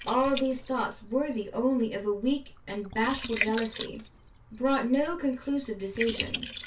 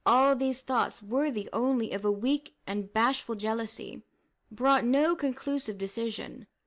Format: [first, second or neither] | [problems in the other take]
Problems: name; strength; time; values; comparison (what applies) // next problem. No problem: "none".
second | background sound (Liquid); 10 dB below the speech // room echo; dies away in 0.2 s